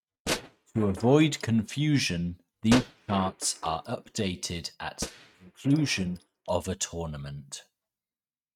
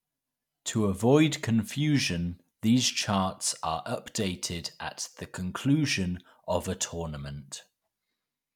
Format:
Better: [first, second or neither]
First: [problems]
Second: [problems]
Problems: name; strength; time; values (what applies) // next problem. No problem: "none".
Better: second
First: noise reduction (neural mask model RNNoise)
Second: none